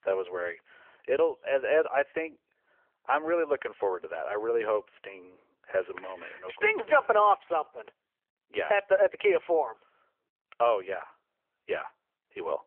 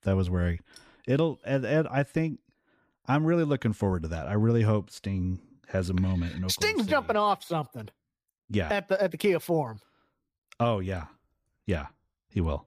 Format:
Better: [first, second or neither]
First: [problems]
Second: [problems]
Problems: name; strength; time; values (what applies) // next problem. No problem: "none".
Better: second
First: phone-call audio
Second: none